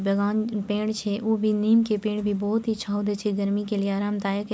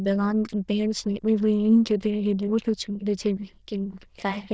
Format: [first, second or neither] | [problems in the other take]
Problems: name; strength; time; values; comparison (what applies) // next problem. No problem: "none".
first | noise reduction (neural diffusion model UNIVERSE++)